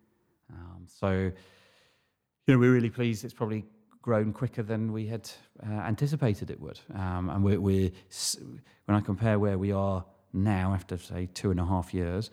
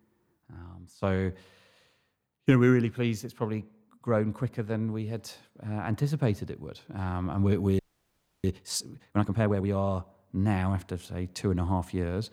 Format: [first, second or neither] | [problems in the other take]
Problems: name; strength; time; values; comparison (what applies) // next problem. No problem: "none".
first | audio freezing; at 8 s for 0.5 s